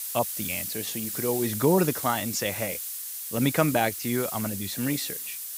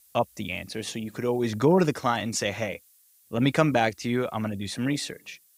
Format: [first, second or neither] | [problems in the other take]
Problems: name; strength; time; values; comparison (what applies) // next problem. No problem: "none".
second | hiss; loud; throughout; 4 dB below the speech; faint in the second